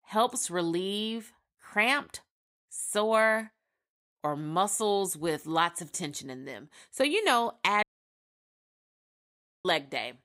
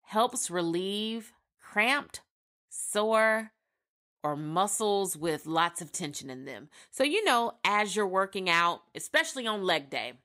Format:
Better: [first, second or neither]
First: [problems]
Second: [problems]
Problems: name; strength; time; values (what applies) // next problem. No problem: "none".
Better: second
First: audio cutting out; at 8 s for 2 s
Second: none